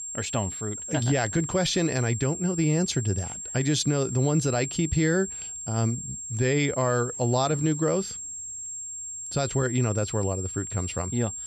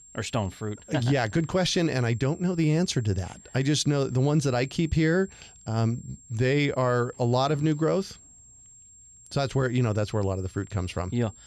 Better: second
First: high-pitched whine; loud; throughout; 7.5 kHz, 7 dB below the speech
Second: high-pitched whine; faint; throughout; 7.5 kHz, 25 dB below the speech

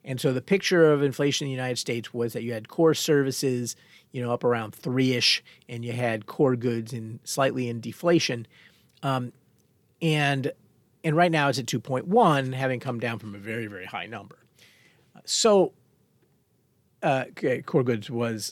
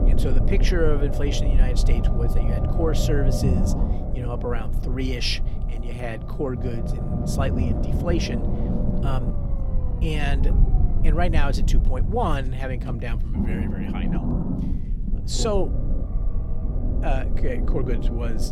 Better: first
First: none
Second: low rumble; loud; throughout; 5 dB below the speech

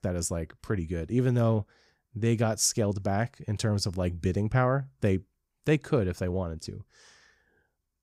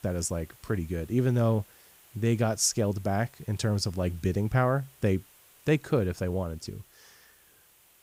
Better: first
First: none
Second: hiss; faint; throughout; 25 dB below the speech

